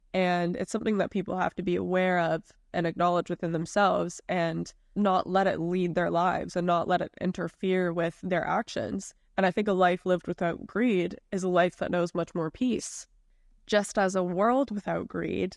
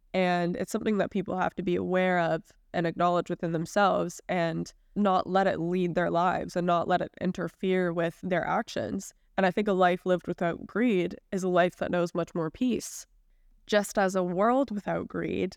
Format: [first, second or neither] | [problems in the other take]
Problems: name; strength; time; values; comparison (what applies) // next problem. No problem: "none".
second | garbled, watery; slightly; nothing above 10.5 kHz